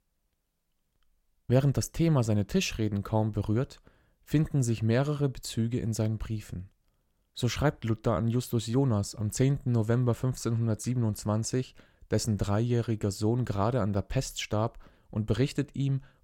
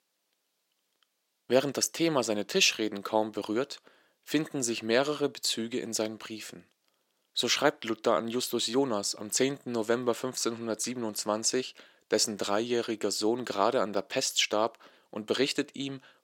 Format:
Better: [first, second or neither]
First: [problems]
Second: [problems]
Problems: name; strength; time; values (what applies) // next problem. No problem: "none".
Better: first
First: none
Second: thin; somewhat; fading below 300 Hz